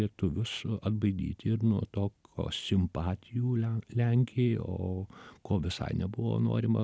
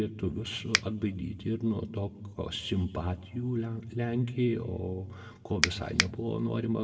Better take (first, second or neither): first